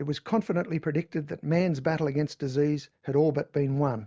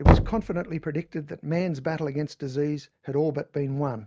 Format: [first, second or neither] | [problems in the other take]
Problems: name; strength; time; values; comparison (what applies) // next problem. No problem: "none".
first | background sound (Knock); 1 dB above the speech